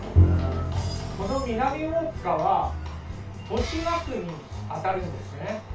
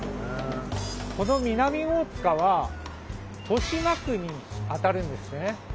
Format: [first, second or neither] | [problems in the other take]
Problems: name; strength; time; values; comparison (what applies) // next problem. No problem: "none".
second | background sound (Bowed string instrument); 2 dB above the speech // room echo; dies away in 0.2 s